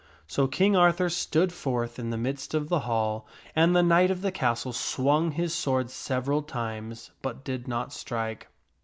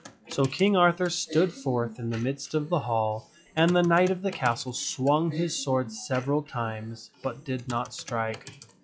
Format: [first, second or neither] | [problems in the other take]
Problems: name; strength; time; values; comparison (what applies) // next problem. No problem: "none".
first | noise reduction (classical method log-MMSE)